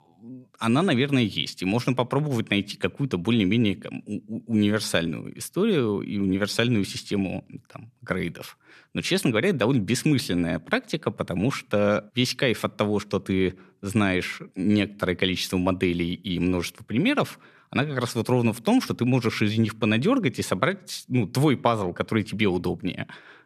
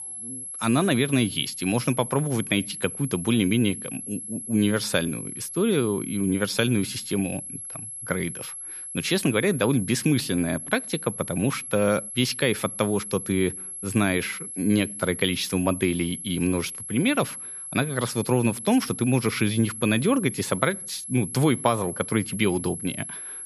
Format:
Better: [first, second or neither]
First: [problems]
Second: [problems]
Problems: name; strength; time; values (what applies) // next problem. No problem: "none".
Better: first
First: none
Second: high-pitched whine; loud; throughout; 11 kHz, 9 dB below the speech